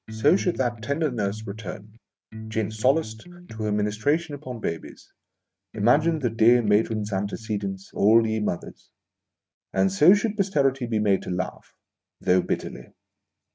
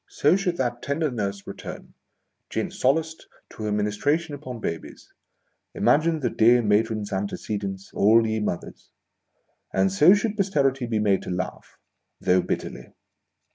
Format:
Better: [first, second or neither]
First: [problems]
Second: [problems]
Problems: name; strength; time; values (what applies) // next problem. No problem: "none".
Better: second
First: noise reduction (neural mask model RNNoise)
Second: none